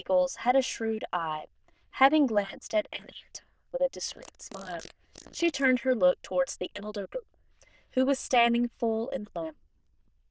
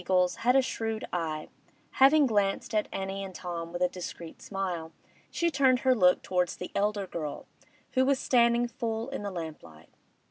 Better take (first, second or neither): second